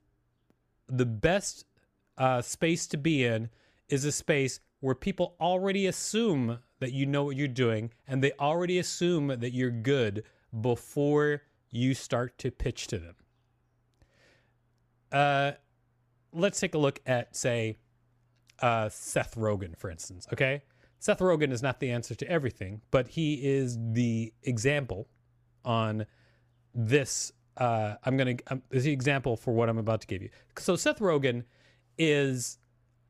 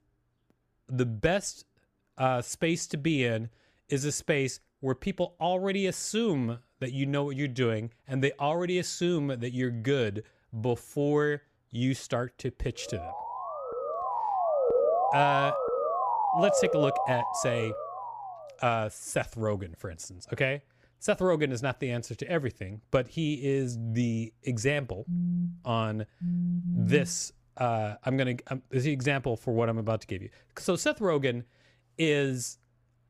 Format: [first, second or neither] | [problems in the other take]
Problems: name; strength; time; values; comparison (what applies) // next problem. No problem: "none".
first | siren; loud; from 13 to 18 s; peak 5 dB above the speech // phone ringing; loud; from 25 to 27 s; peak 1 dB above the speech